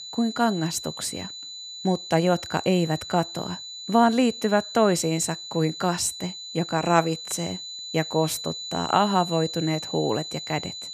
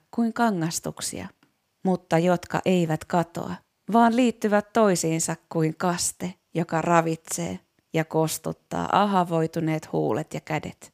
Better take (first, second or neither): second